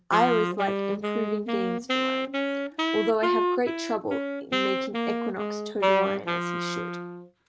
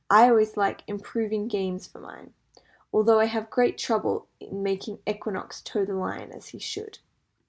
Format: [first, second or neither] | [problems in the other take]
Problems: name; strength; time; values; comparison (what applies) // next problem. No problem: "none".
second | background sound (Wind instrument, woodwind instrument); 2 dB above the speech